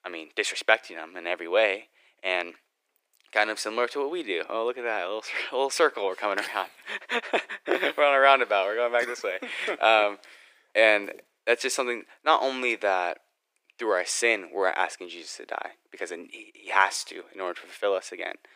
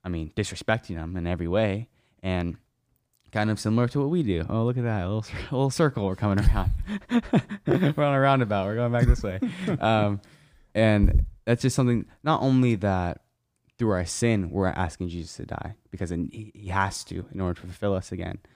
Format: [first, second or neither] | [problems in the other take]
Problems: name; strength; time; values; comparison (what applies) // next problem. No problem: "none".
second | thin; very; fading below 400 Hz